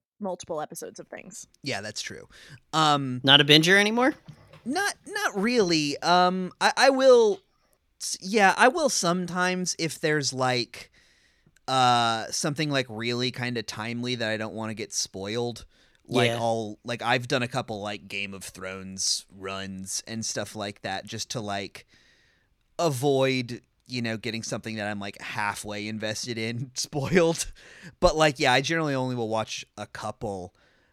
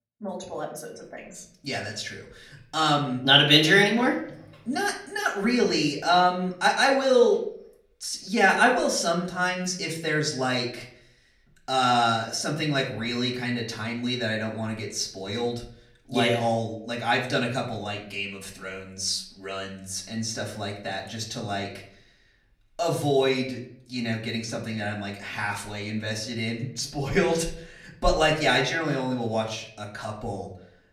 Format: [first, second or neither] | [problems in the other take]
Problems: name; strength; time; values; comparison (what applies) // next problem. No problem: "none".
first | off-mic speech; far // room echo; slight; dies away in 0.5 s